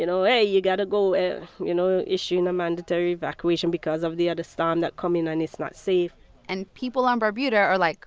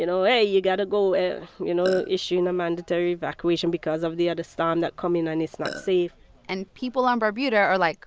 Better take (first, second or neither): first